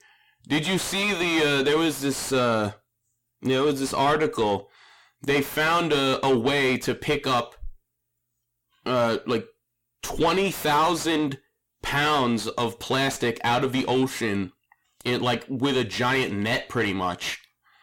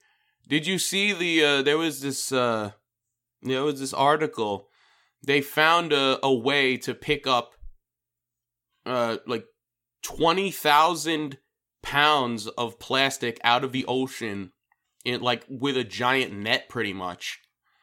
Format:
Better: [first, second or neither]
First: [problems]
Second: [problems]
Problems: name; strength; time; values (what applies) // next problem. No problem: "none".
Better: second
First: distortion; heavy; 5 dB below the speech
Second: none